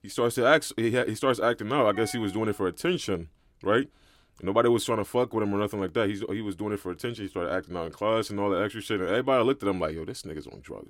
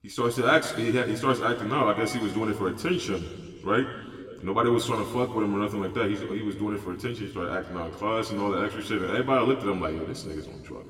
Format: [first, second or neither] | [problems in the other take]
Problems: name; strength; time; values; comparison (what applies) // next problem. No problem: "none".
first | room echo; slight; dies away in 1.9 s